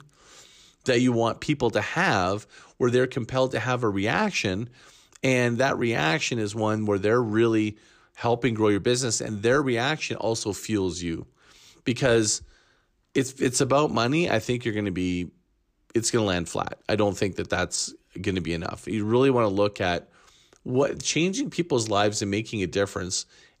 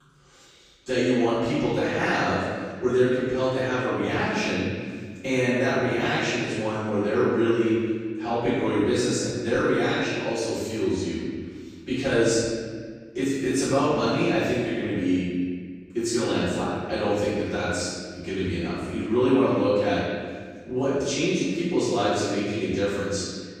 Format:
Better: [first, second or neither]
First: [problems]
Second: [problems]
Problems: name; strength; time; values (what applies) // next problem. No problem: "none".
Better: first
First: none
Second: off-mic speech; far // room echo; strong; dies away in 1.6 s